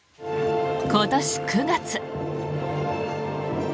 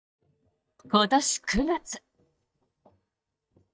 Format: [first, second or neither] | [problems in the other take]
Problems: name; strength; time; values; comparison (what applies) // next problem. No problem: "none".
first | noise reduction (neural mask model DeepFilterNet 3)